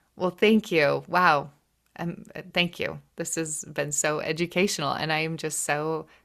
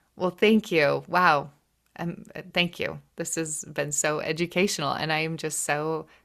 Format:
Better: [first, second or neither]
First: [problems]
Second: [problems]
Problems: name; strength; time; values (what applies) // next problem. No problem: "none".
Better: neither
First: none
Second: none